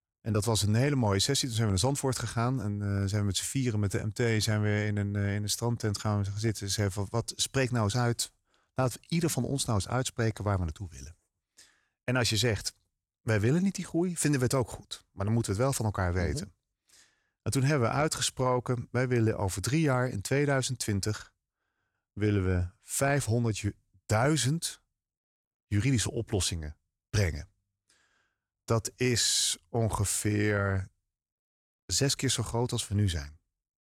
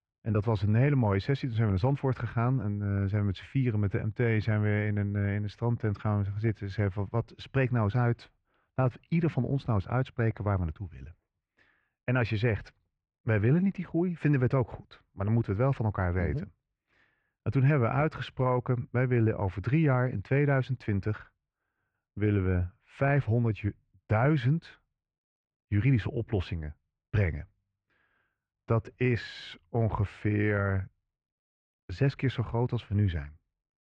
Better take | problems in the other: first | muffled; very; fading above 2.5 kHz

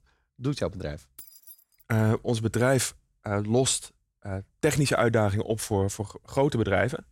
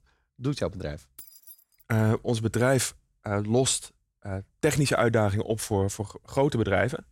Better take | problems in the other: neither | jangling keys; faint; at 1 s; peak 20 dB below the speech; the same in both

